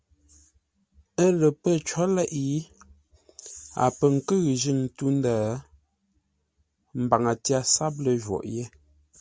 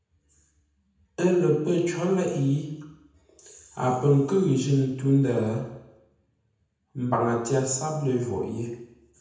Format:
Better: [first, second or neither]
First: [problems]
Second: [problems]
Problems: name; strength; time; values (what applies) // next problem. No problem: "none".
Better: first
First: none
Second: room echo; dies away in 0.9 s